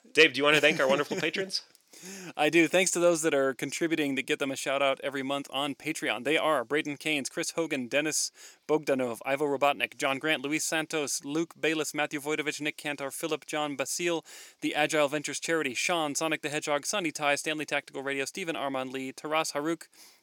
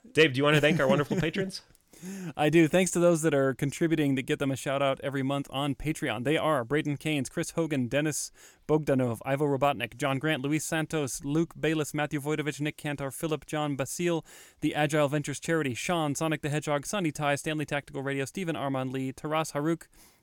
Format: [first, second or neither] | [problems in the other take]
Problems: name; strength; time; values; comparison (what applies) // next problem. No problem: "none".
second | thin; very slightly; fading below 300 Hz